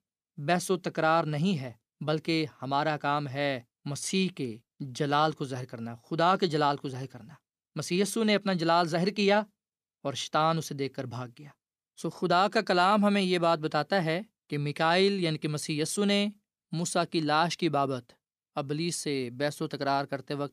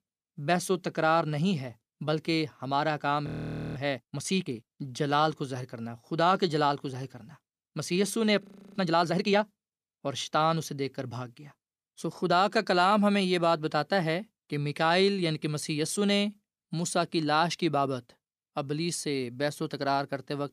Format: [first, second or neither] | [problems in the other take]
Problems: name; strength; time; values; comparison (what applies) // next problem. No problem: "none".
first | audio freezing; at 3.5 s and at 8.5 s